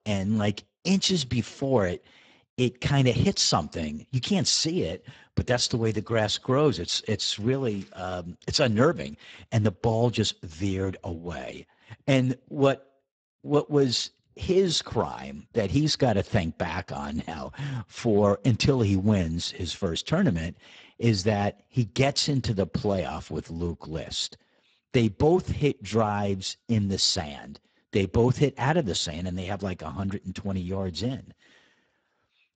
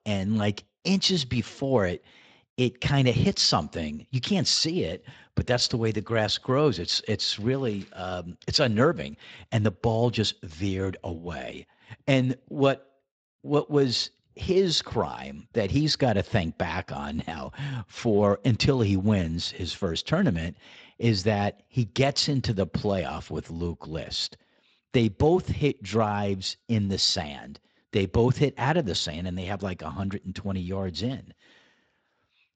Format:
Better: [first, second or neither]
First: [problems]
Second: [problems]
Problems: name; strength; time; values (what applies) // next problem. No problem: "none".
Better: second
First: garbled, watery; badly; nothing above 7.5 kHz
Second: garbled, watery; slightly; nothing above 7.5 kHz